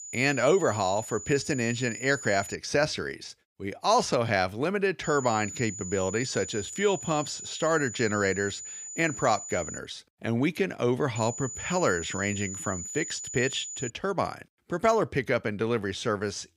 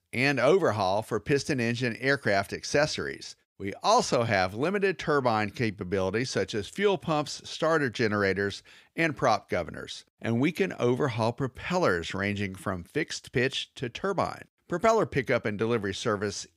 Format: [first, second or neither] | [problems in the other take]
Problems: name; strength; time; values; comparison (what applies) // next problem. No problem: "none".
second | high-pitched whine; loud; until 2.5 s, from 5 to 10 s and from 11 to 14 s; 7 kHz, 9 dB below the speech